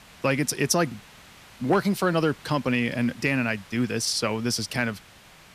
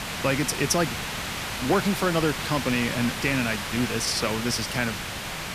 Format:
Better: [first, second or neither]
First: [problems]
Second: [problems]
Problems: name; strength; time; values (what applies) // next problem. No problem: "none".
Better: first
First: hiss; faint; throughout; 25 dB below the speech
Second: hiss; loud; throughout; 4 dB below the speech